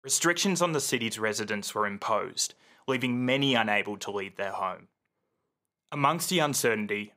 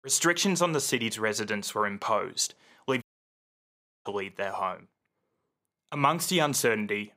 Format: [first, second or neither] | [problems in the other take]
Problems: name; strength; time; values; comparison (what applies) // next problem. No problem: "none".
first | audio cutting out; at 3 s for 1 s